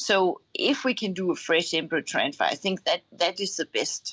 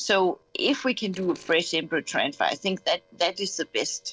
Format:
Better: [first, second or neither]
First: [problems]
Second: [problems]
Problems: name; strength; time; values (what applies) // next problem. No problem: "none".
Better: first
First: none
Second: noise reduction (neural separator model SepFormer DNS4)